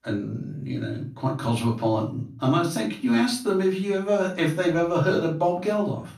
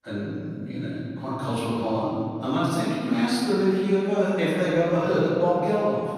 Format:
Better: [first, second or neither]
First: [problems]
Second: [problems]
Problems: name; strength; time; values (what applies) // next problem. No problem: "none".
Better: first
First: room echo; slight; dies away in 0.3 s // off-mic speech; far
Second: room echo; strong; dies away in 2.1 s // off-mic speech; far